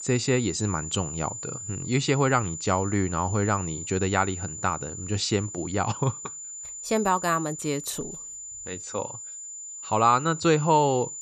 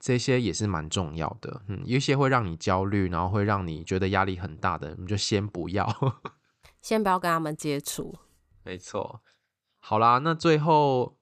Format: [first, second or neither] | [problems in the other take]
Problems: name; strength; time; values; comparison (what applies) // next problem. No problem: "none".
second | high-pitched whine; loud; throughout; 7 kHz, 9 dB below the speech